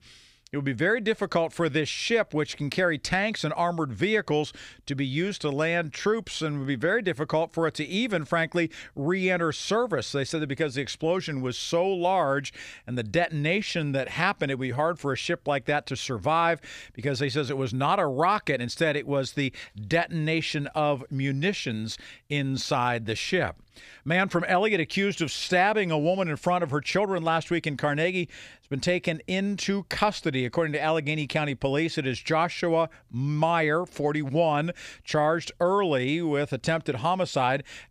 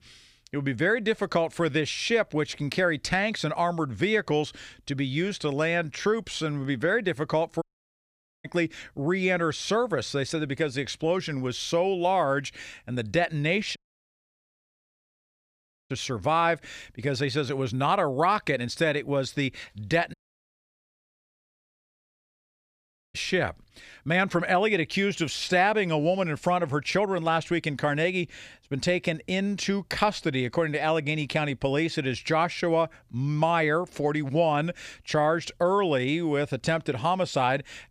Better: first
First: none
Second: audio cutting out; at 7.5 s for 1 s, at 14 s for 2 s and at 20 s for 3 s

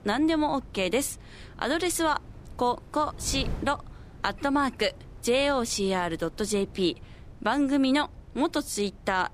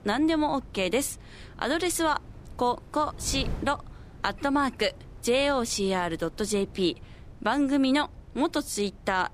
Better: neither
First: wind noise on the microphone; occasional gusts; 25 dB below the speech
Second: wind noise on the microphone; occasional gusts; 25 dB below the speech

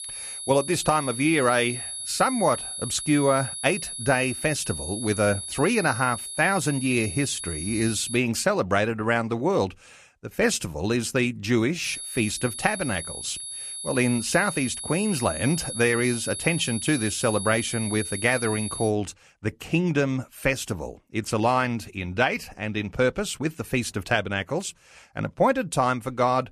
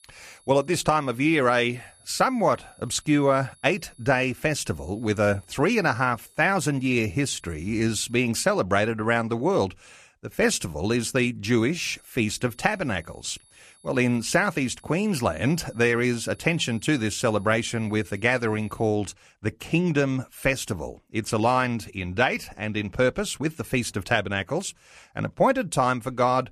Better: second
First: high-pitched whine; loud; until 8 s and from 12 to 19 s; 10.5 kHz, 7 dB below the speech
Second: high-pitched whine; faint; until 8 s and from 12 to 19 s; 10.5 kHz, 30 dB below the speech

